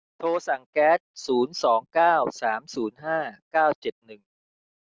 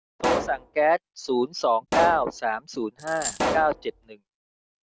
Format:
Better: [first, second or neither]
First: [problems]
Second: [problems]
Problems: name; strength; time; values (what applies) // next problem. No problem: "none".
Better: first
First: none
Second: background sound (Coin (dropping) + Explosion); 5 dB below the speech